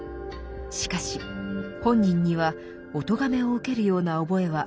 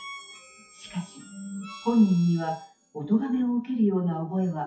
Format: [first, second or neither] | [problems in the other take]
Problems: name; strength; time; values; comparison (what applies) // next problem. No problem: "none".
first | noise reduction (classical method WPE with log-MMSE)